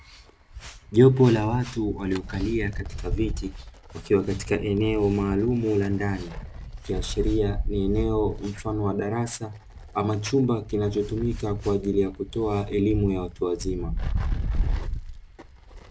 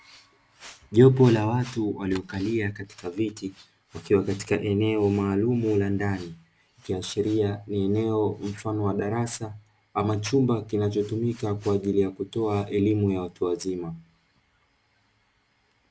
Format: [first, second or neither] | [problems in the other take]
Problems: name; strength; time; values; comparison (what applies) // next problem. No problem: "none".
second | background sound (Wind); 7 dB below the speech